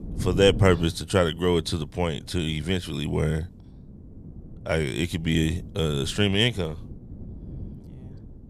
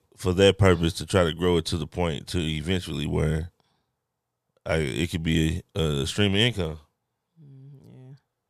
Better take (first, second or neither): second